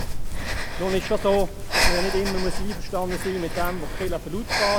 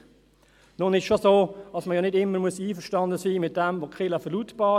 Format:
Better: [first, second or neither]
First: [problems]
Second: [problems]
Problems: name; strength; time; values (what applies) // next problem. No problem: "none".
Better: second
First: background sound (Breathing); 2 dB above the speech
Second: none